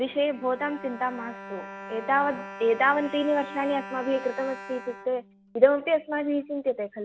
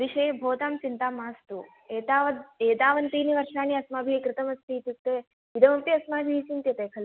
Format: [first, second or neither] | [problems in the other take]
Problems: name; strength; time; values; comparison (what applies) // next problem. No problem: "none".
second | background sound (Bowed string instrument); 15 dB below the speech